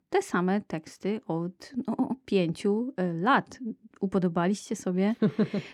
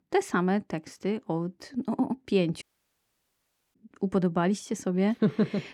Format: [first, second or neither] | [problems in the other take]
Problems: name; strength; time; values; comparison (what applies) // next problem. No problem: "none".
first | audio cutting out; at 2.5 s for 1 s